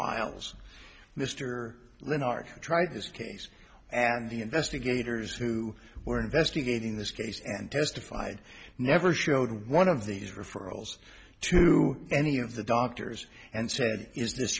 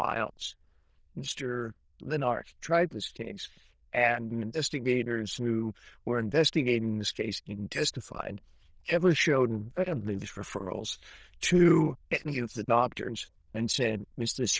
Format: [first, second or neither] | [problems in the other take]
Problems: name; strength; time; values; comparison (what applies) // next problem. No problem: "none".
first | noise reduction (neural diffusion model UNIVERSE++)